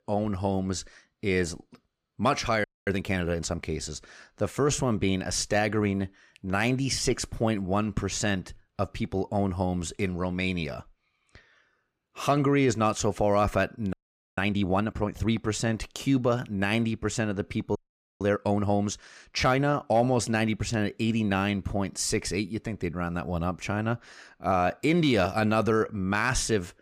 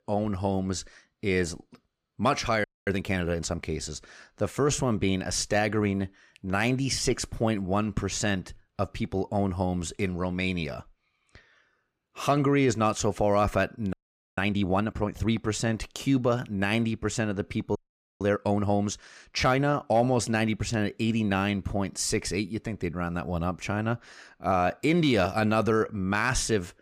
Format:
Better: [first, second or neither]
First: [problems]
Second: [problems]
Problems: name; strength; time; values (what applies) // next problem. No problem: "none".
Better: neither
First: audio freezing; at 2.5 s, at 14 s and at 18 s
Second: audio freezing; at 2.5 s, at 14 s and at 18 s